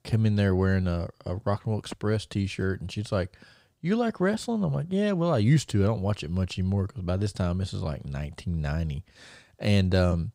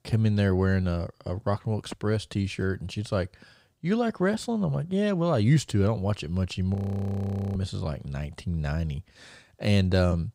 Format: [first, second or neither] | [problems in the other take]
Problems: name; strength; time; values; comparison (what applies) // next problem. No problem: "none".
first | audio freezing; at 7 s for 1 s